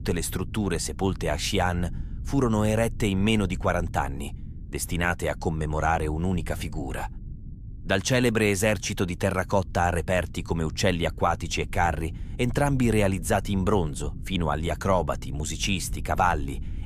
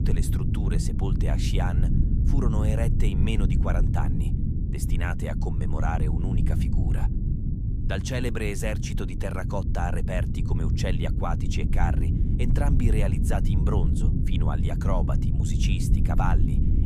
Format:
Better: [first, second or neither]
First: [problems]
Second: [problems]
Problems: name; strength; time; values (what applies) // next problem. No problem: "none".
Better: first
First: low rumble; faint; throughout; 25 dB below the speech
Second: low rumble; loud; throughout; 4 dB below the speech